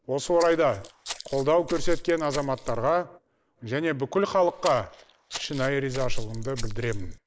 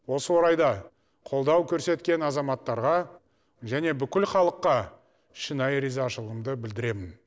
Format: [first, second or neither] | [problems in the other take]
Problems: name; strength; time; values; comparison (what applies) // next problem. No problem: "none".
second | noise reduction (neural mask model Resemble Enhance denoiser)